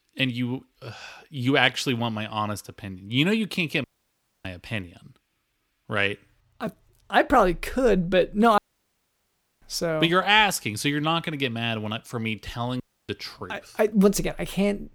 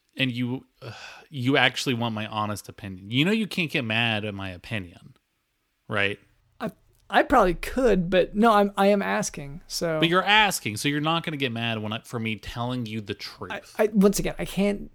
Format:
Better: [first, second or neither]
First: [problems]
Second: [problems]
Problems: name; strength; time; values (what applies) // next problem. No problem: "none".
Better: second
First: audio cutting out; at 4 s for 0.5 s, at 8.5 s for 1 s and at 13 s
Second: none